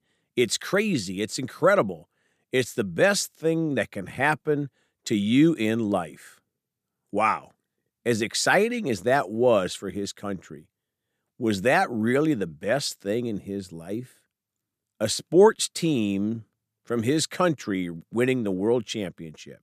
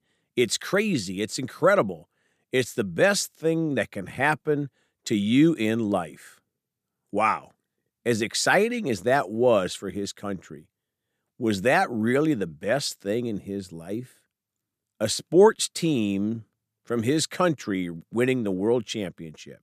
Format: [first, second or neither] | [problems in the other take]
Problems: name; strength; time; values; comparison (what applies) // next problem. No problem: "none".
neither | none